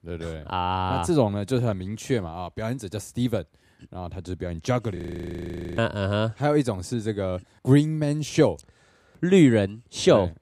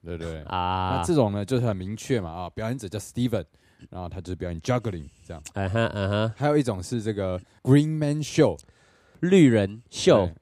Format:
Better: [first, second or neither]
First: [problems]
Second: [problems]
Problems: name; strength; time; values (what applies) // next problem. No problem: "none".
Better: second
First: audio freezing; at 5 s for 1 s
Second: none